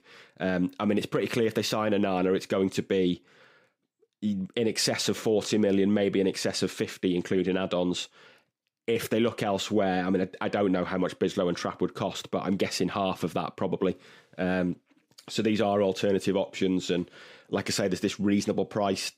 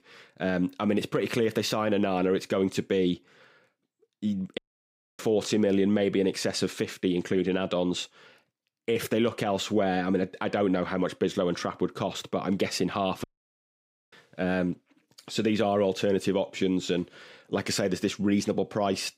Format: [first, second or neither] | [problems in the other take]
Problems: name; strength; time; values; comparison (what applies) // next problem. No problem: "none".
first | audio cutting out; at 4.5 s for 0.5 s and at 13 s for 1 s